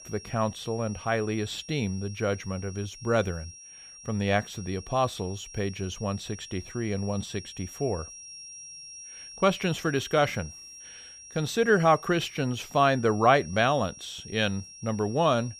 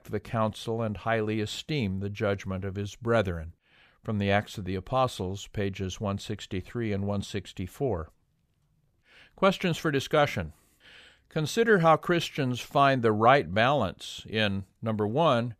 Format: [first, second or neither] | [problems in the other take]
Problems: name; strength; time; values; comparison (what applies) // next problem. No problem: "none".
second | high-pitched whine; noticeable; throughout; 5.5 kHz, 15 dB below the speech